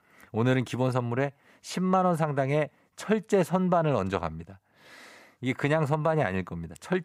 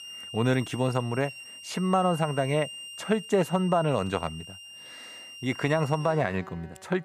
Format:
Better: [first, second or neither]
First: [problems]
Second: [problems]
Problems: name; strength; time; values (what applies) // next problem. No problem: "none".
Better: first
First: none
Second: background music; noticeable; throughout; 15 dB below the speech